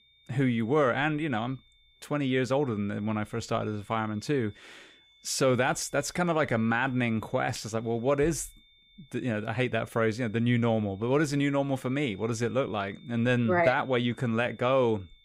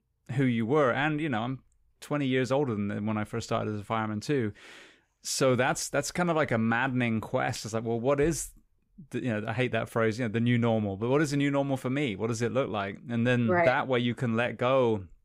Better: second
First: high-pitched whine; faint; throughout; 3.5 kHz, 30 dB below the speech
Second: none

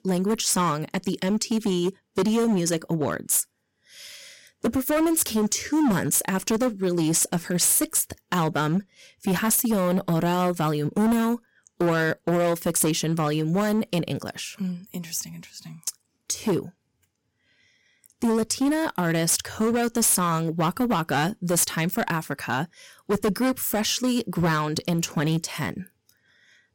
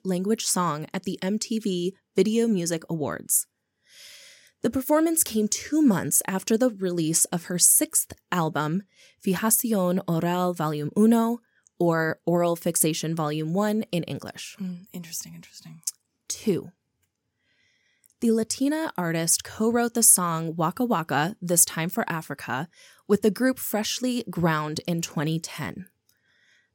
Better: second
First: distortion; heavy; 12% of the sound clipped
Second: none

